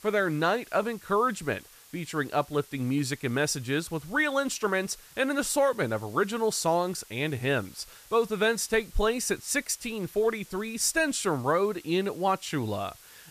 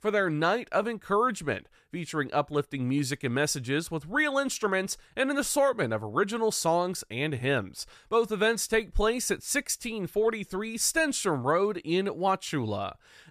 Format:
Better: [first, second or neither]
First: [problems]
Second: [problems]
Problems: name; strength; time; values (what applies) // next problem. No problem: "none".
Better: second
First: hiss; faint; throughout; 25 dB below the speech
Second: none